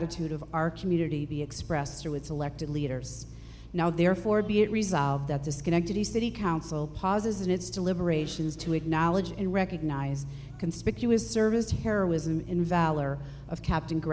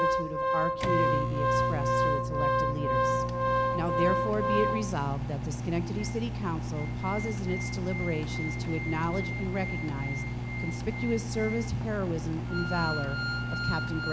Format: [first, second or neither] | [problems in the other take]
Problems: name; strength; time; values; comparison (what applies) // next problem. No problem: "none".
first | background sound (Microwave oven + Organ); 4 dB above the speech